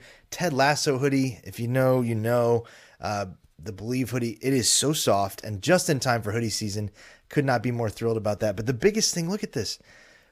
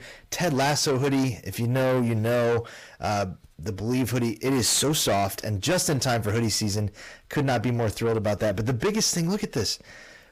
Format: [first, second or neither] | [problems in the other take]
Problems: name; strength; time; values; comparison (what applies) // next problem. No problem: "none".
first | distortion; heavy; 7 dB below the speech